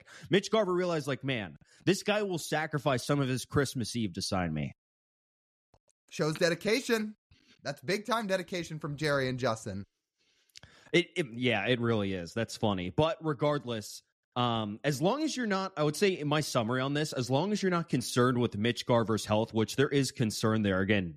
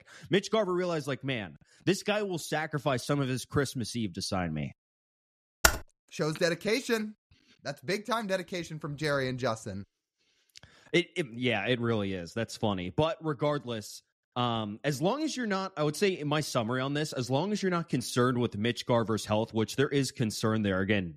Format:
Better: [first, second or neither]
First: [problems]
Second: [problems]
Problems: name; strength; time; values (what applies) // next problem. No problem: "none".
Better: first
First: none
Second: keyboard typing; loud; at 5.5 s; peak 5 dB above the speech